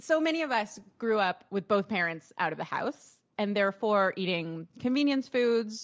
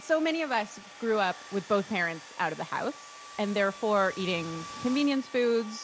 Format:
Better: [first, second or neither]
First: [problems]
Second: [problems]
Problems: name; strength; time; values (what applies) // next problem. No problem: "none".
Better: first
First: none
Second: background sound (Domestic sounds, home sounds); 16 dB below the speech